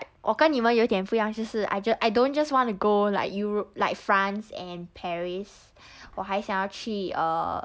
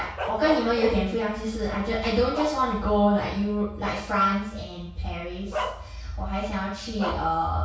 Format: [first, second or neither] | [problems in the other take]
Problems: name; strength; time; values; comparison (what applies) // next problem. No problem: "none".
first | background sound (Bark); 12 dB below the speech // room echo; dies away in 0.6 s